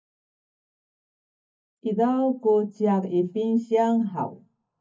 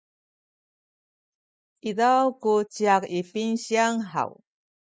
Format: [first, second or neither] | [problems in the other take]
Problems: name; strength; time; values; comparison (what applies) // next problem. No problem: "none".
second | room echo; dies away in 0.3 s